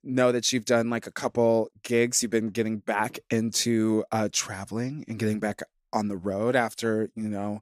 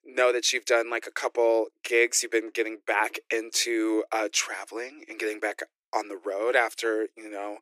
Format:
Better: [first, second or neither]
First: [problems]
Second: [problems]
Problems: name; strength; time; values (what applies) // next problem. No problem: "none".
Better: first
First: none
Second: thin; very; fading below 300 Hz